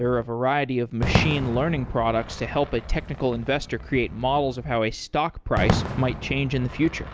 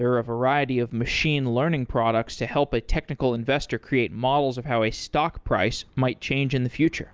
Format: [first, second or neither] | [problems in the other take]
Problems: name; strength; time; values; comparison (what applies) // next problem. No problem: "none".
second | background sound (Fireworks); 6 dB below the speech